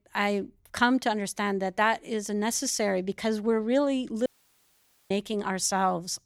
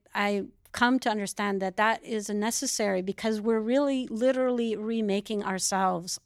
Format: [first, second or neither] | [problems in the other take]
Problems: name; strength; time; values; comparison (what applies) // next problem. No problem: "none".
second | audio cutting out; at 4.5 s for 1 s